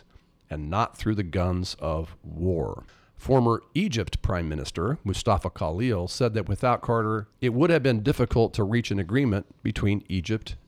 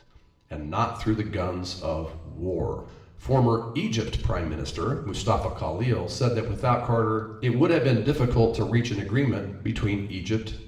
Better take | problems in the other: first | room echo; slight; dies away in 0.8 s // off-mic speech; somewhat distant

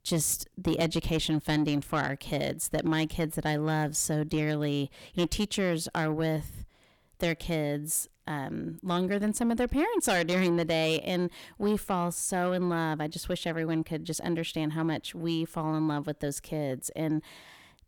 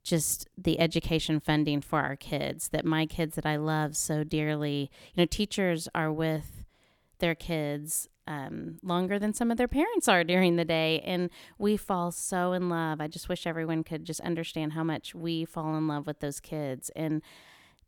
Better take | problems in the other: second | distortion; slight; 10 dB below the speech

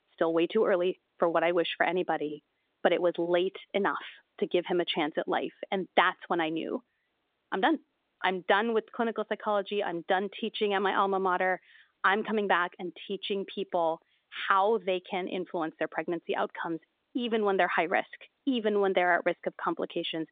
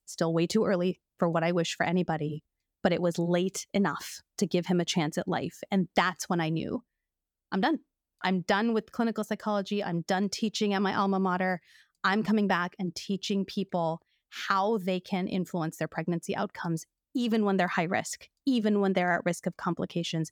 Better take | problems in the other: second | phone-call audio; nothing above 3.5 kHz

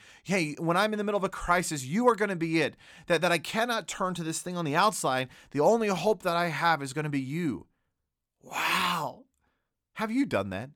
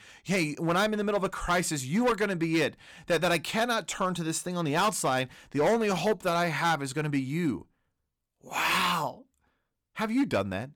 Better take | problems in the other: first | distortion; slight; 6% of the sound clipped

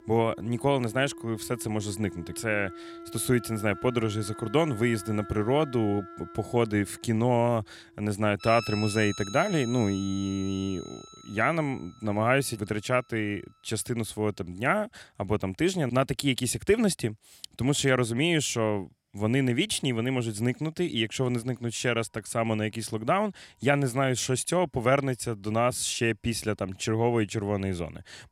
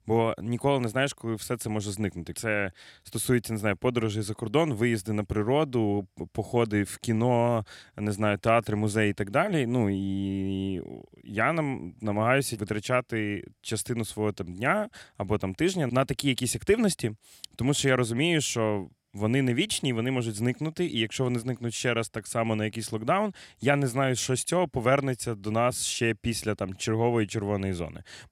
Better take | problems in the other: second | background music; noticeable; throughout; 15 dB below the speech

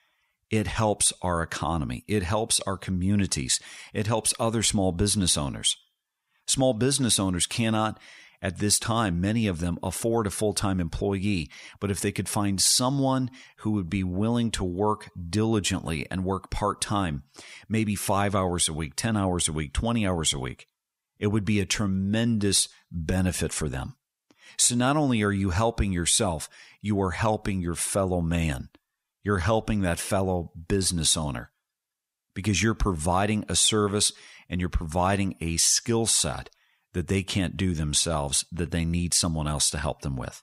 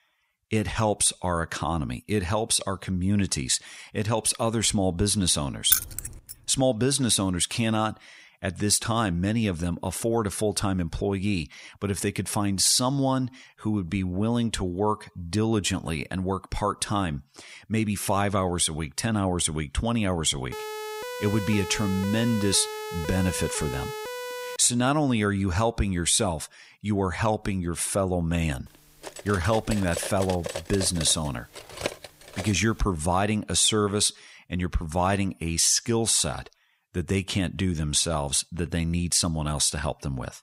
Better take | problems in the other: first | jangling keys; loud; at 5.5 s; peak 3 dB above the speech // siren; noticeable; from 21 to 25 s; peak 9 dB below the speech // clattering dishes; noticeable; from 29 to 33 s; peak 8 dB below the speech

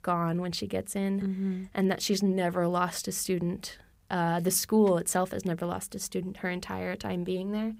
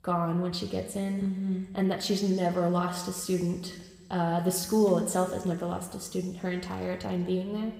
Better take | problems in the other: first | room echo; slight; dies away in 1.3 s

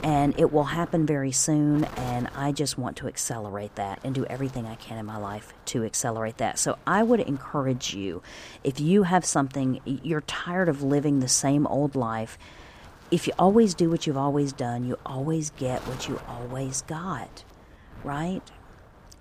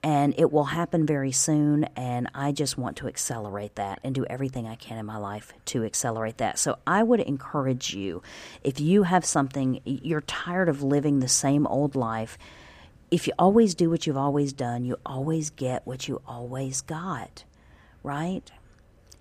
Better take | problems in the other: second | wind noise on the microphone; occasional gusts; 20 dB below the speech

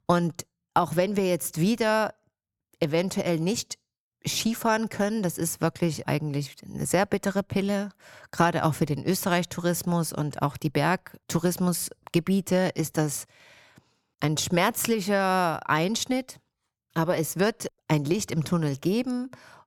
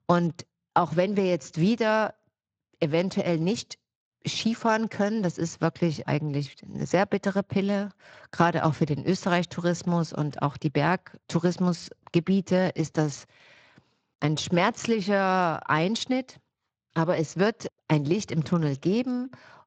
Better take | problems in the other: first | garbled, watery; slightly; nothing above 7.5 kHz

